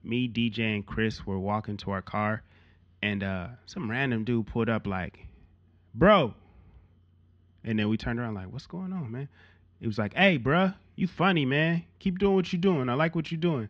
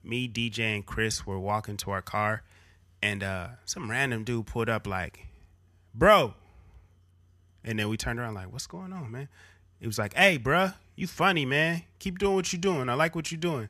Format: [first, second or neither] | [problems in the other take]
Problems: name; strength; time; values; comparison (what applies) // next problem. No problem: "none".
second | muffled; slightly; fading above 4 kHz